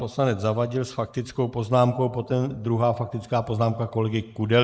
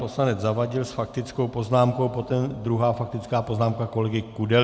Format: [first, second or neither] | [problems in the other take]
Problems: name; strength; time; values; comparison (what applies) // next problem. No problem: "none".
second | noise reduction (neural mask model Resemble Enhance denoiser)